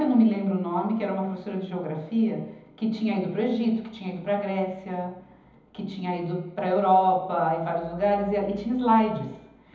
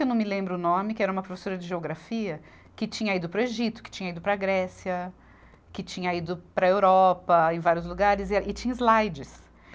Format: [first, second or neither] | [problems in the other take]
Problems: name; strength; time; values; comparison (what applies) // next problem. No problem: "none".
second | room echo; dies away in 1.3 s